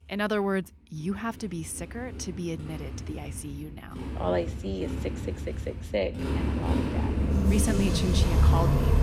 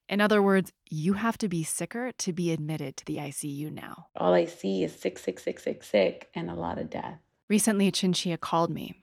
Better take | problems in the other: second | traffic noise; very loud; throughout; 4 dB above the speech

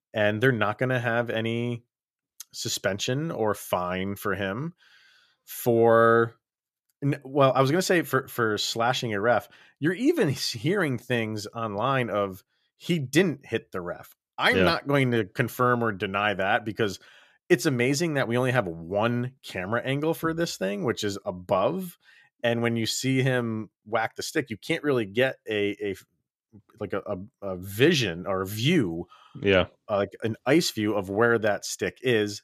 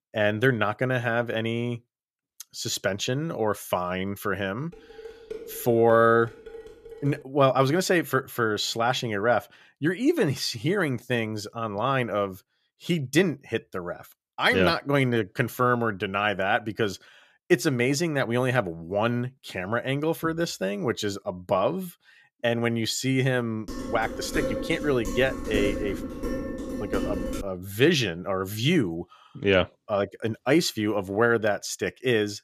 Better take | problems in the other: first | clattering dishes; faint; from 4.5 to 7 s; peak 15 dB below the speech // clattering dishes; noticeable; from 24 to 27 s; peak 3 dB below the speech

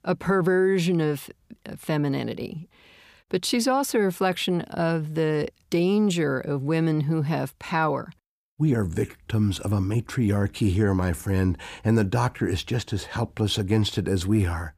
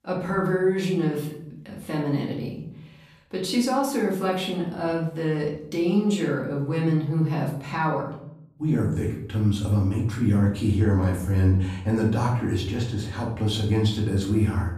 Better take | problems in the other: first | off-mic speech; far // room echo; noticeable; dies away in 0.6 s

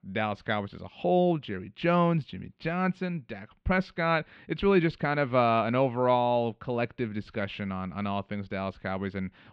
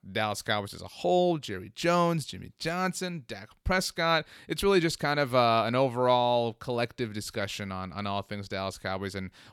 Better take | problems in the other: second | muffled; very; fading above 3 kHz

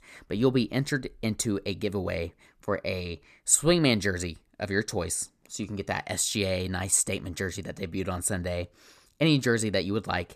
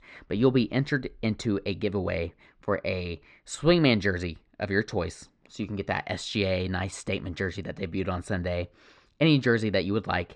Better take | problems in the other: first | muffled; slightly; fading above 4 kHz

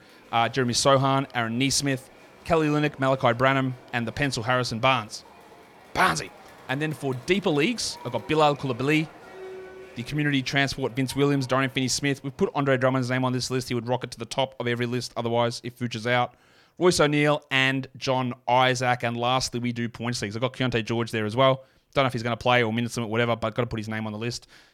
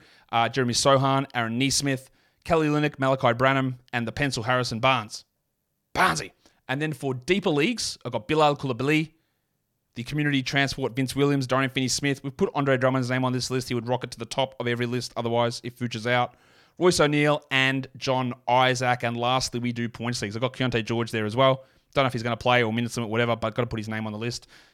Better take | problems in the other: second | crowd noise; faint; throughout; 25 dB below the speech

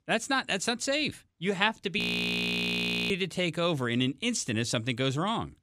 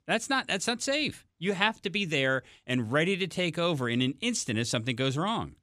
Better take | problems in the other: second | audio freezing; at 2 s for 1 s

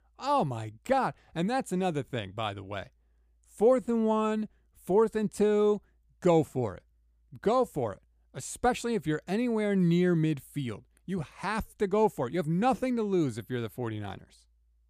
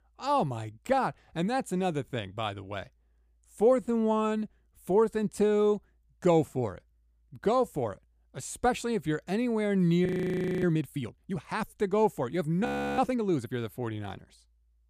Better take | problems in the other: first | audio freezing; at 10 s for 0.5 s and at 13 s

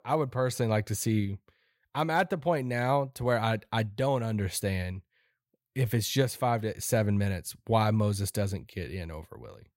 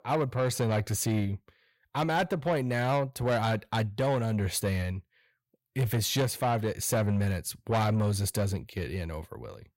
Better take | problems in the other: first | distortion; slight; 10 dB below the speech

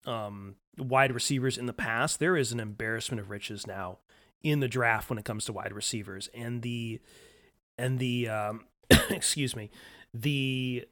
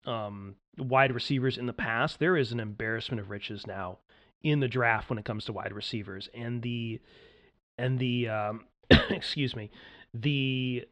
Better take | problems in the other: first | muffled; very slightly; fading above 4 kHz

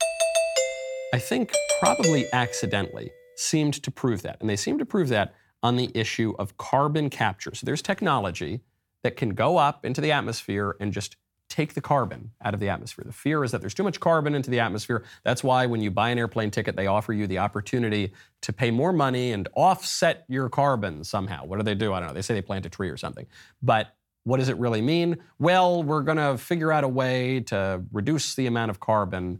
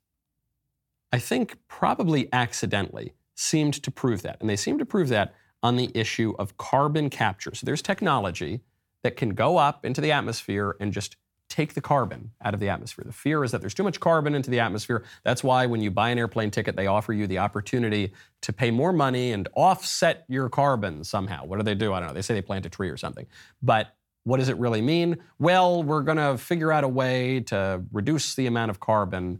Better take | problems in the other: second | doorbell; loud; until 2.5 s; peak 3 dB above the speech

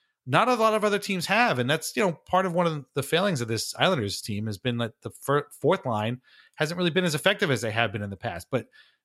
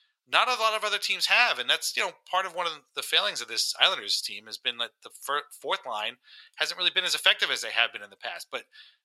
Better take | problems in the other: first | thin; very; fading below 850 Hz

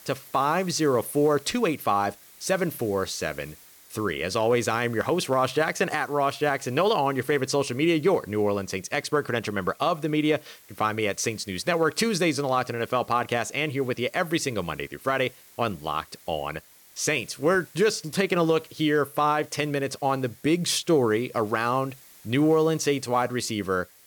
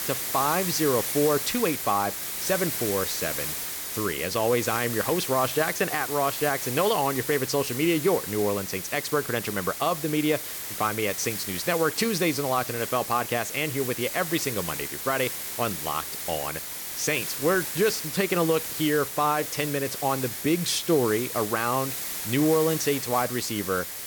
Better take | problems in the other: first | hiss; loud; throughout; 4 dB below the speech; faint in the first

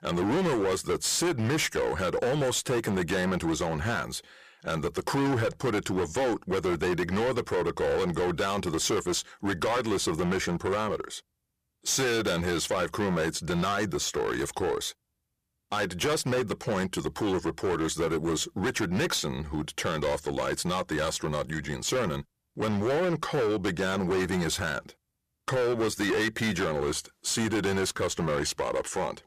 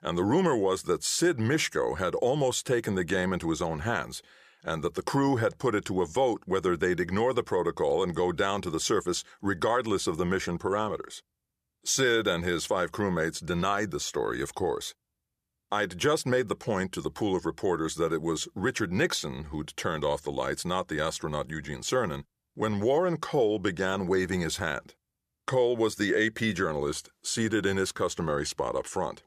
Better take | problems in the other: second | distortion; heavy; 20% of the sound clipped

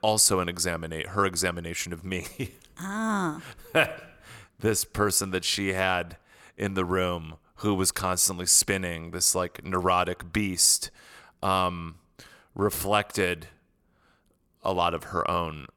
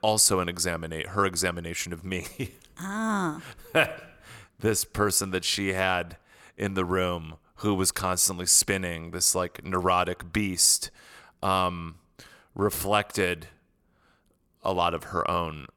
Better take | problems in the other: neither | none

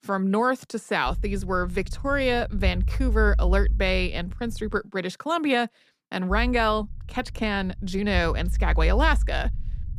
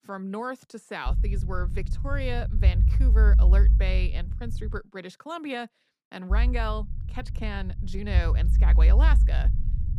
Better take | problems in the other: first | low rumble; loud; from 1 to 5 s and from 6.5 s on; 10 dB below the speech; faint in the first

